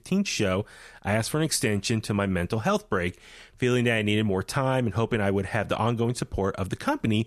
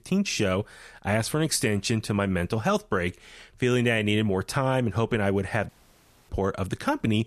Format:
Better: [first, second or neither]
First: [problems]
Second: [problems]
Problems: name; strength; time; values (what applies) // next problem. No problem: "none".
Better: first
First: none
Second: audio cutting out; at 5.5 s for 0.5 s